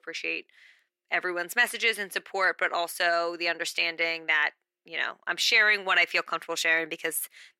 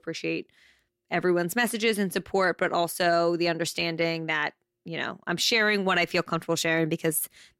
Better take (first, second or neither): second